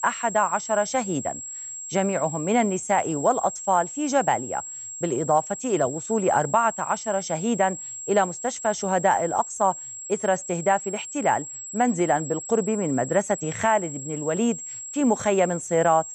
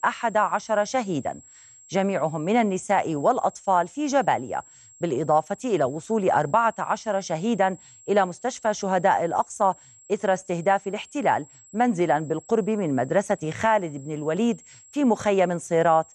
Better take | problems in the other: second | high-pitched whine; loud; throughout; 7.5 kHz, 9 dB below the speech; faint in the second

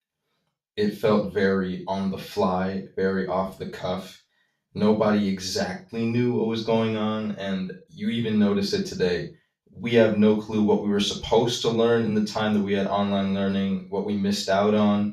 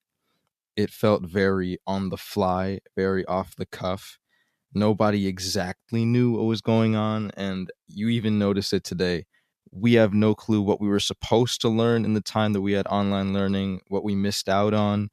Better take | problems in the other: second | room echo; noticeable; dies away in 0.3 s // off-mic speech; far

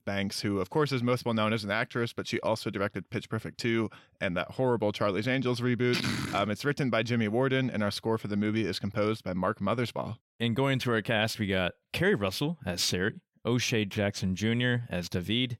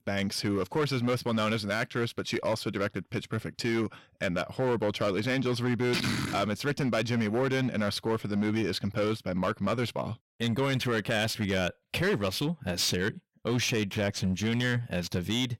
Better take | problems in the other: first | distortion; slight; 9% of the sound clipped

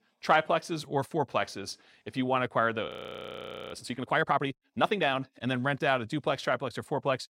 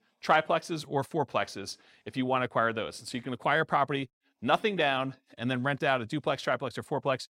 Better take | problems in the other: second | audio freezing; at 3 s for 1 s

